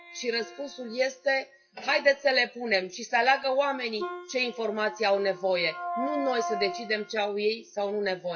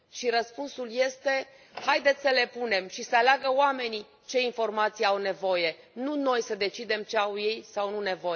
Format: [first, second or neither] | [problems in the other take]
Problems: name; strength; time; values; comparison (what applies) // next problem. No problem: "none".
second | noise reduction (classical method WPE with log-MMSE)